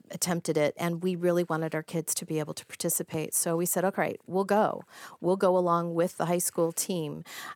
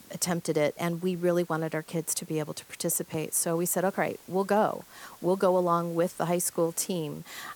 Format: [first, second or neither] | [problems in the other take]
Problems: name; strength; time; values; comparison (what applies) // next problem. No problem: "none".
first | hiss; faint; throughout; 25 dB below the speech